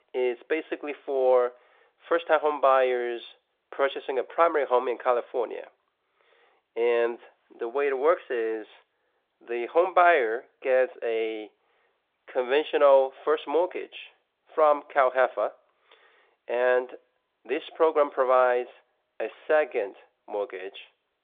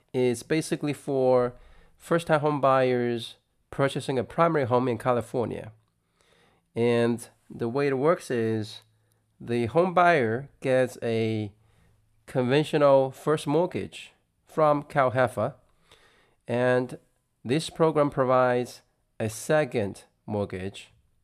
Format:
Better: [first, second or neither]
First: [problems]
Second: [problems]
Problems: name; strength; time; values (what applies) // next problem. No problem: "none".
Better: second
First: phone-call audio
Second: none